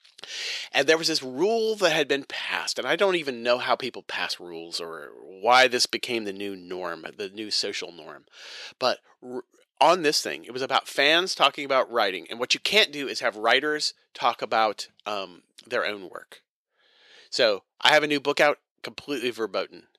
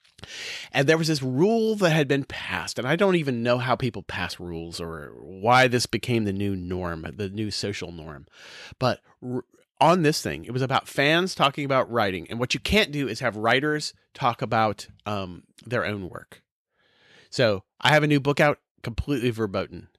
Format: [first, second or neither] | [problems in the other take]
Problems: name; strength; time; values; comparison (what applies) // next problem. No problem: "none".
second | thin; somewhat; fading below 450 Hz